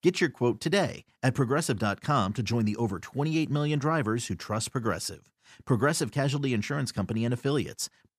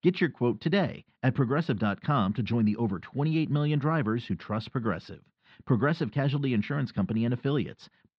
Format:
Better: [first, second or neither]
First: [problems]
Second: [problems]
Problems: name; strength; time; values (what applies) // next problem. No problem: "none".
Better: first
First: none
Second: muffled; slightly; fading above 4 kHz